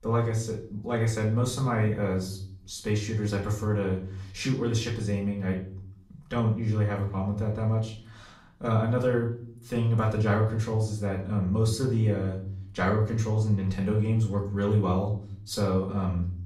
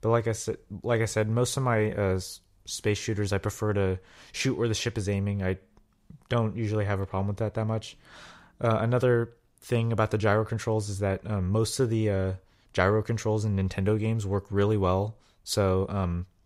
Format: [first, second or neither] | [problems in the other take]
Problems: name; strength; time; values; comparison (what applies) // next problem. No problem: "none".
second | off-mic speech; far // room echo; slight; dies away in 0.5 s